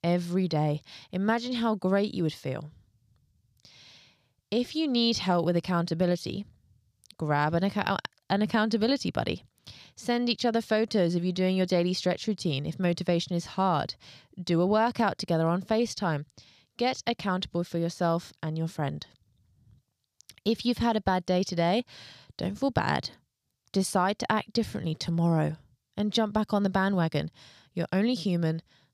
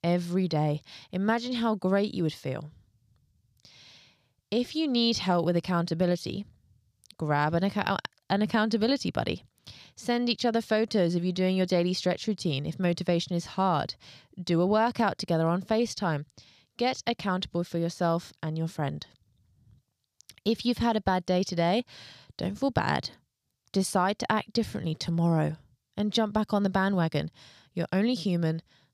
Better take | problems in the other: neither | none

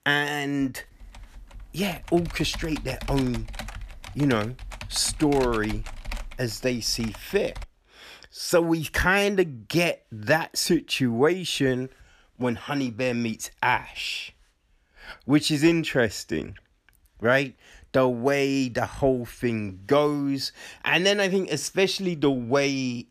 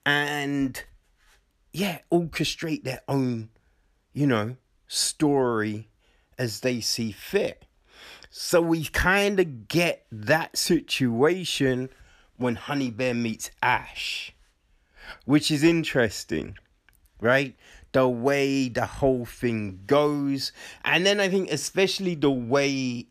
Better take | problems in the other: second | keyboard typing; faint; from 1 to 7.5 s; peak 10 dB below the speech

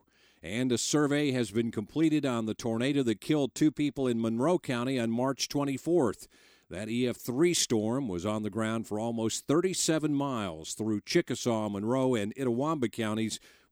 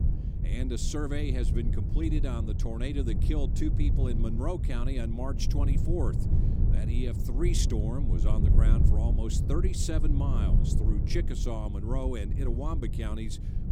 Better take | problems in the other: first | low rumble; loud; throughout; 5 dB below the speech

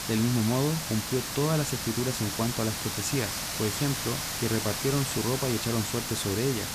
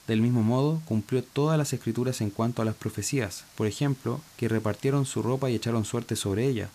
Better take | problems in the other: second | hiss; loud; throughout; 2 dB below the speech; faint in the second

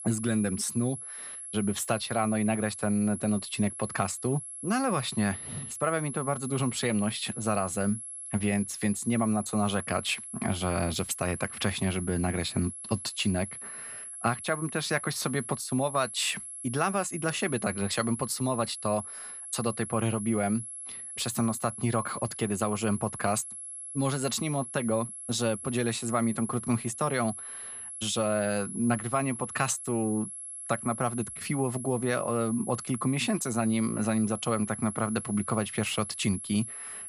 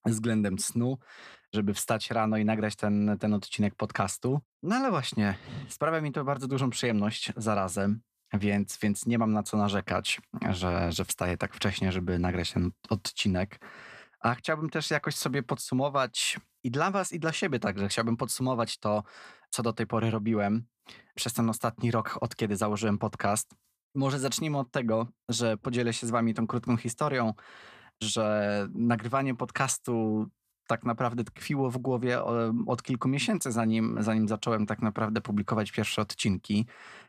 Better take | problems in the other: second | high-pitched whine; loud; throughout; 11 kHz, 8 dB below the speech

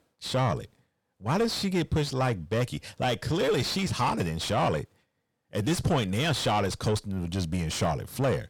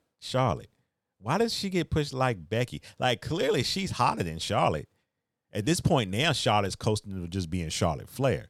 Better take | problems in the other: second | distortion; heavy; 7 dB below the speech

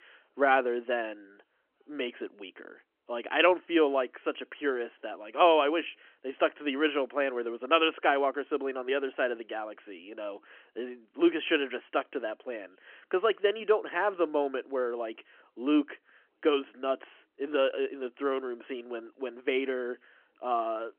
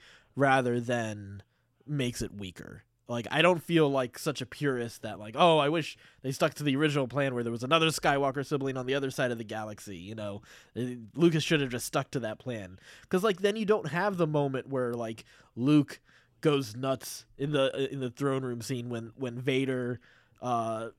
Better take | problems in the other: second | phone-call audio; nothing above 3 kHz

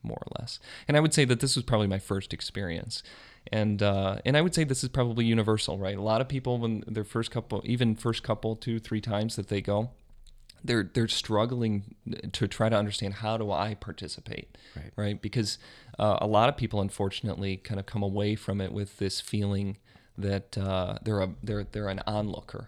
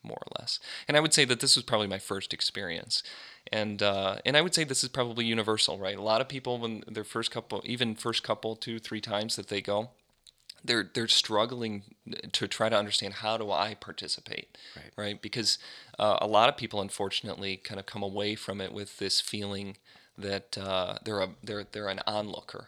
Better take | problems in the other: first | thin; somewhat; fading below 600 Hz

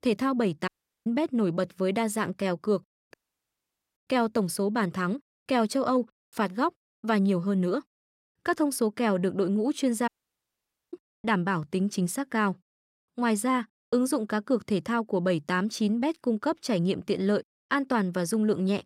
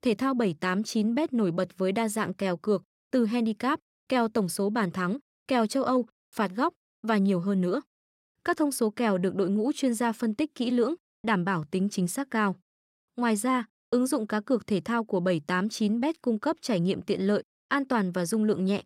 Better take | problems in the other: second | audio cutting out; at 0.5 s, at 3 s for 1 s and at 10 s for 1 s

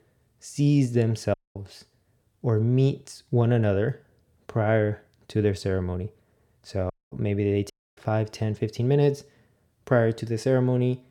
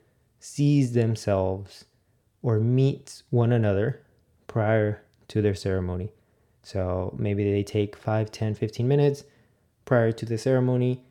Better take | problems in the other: second | audio cutting out; at 1.5 s, at 7 s and at 7.5 s

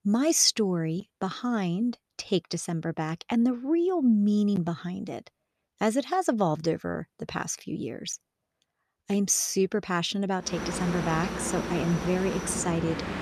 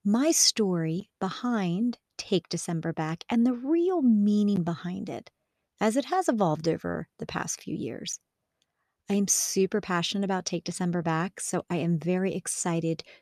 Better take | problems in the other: second | train or aircraft noise; loud; from 11 s on; 6 dB below the speech

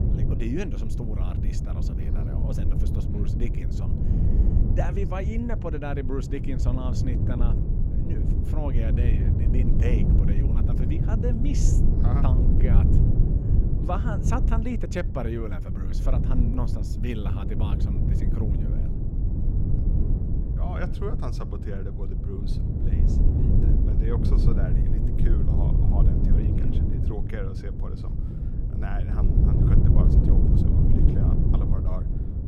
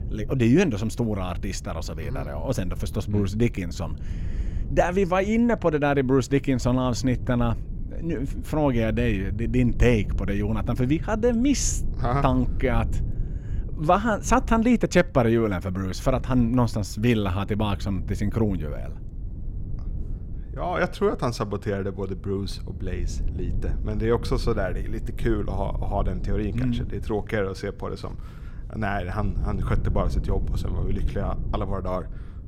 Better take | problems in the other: second | low rumble; loud; throughout; as loud as the speech; faint in the second

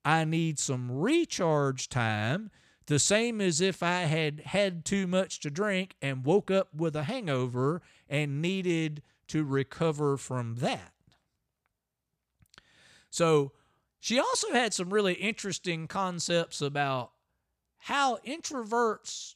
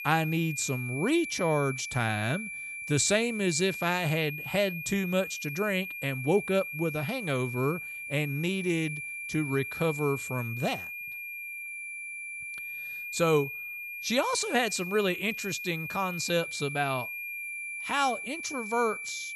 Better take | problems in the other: first | high-pitched whine; loud; throughout; 2.5 kHz, 6 dB below the speech

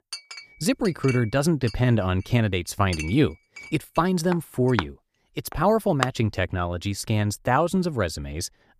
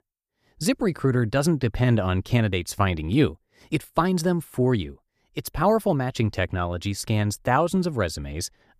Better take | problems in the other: second | clattering dishes; noticeable; until 6 s; peak 6 dB below the speech

